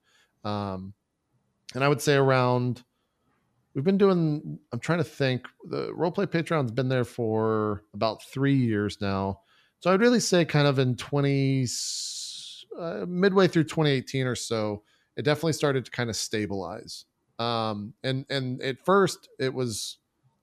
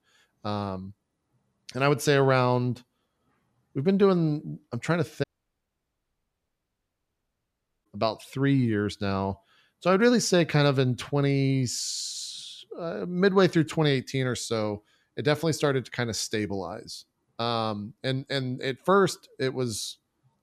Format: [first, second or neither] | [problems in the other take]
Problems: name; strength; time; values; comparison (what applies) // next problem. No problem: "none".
first | audio cutting out; at 5 s for 2.5 s